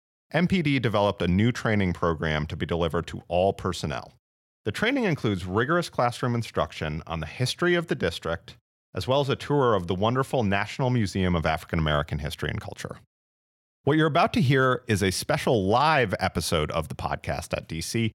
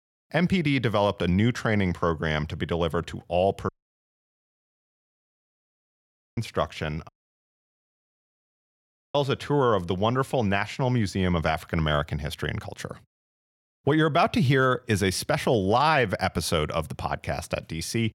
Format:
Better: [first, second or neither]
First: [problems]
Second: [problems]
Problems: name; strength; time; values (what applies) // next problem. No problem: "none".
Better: first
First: none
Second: audio cutting out; at 3.5 s for 2.5 s and at 7 s for 2 s